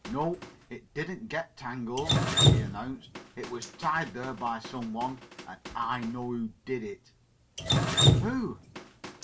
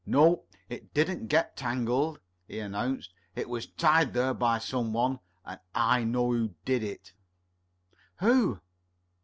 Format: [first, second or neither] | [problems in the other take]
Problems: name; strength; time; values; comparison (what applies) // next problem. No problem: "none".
second | background sound (Drip); 4 dB above the speech // room echo; dies away in 0.2 s